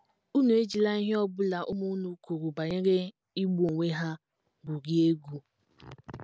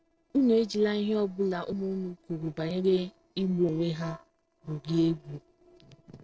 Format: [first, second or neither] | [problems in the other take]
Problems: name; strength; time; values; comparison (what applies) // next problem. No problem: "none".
first | noise reduction (neural separator model SepFormer DNS4)